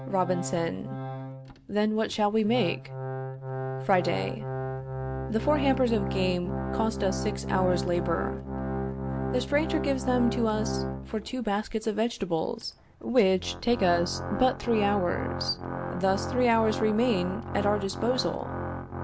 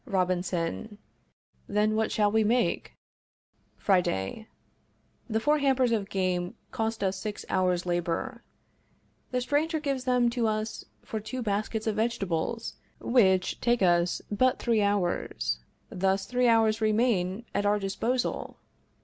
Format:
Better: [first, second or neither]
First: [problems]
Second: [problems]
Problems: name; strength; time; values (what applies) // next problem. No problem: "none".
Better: second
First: background sound (Organ); 5 dB below the speech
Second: none